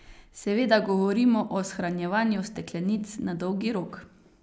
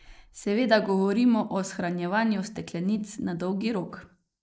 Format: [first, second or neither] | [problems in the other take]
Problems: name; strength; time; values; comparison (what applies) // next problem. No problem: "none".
first | noise reduction (neural mask model Resemble Enhance denoiser)